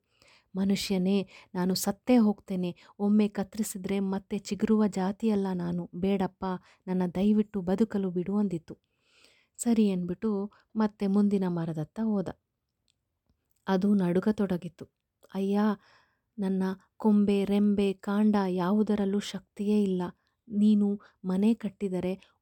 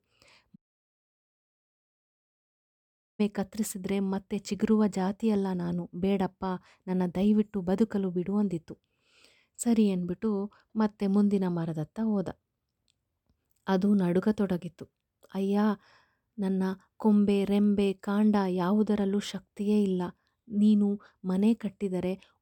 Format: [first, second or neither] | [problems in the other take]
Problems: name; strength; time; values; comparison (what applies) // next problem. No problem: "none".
first | audio cutting out; at 0.5 s for 2.5 s